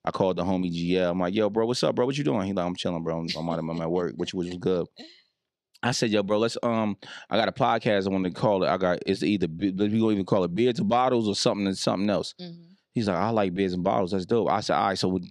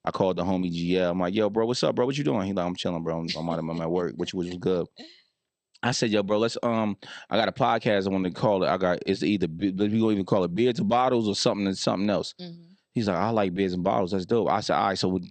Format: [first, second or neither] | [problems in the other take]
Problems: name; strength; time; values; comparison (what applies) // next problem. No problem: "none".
first | garbled, watery; slightly; nothing above 8.5 kHz